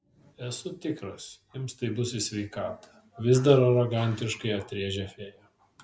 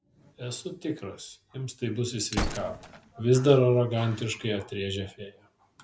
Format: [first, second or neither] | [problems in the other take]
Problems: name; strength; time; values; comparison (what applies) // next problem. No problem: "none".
first | background sound (Gunshot, gunfire); 11 dB below the speech